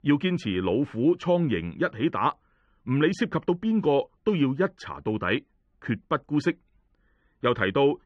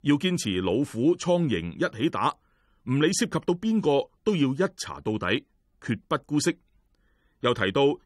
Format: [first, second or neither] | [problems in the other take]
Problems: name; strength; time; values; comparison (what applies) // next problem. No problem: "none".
second | muffled; very; fading above 2.5 kHz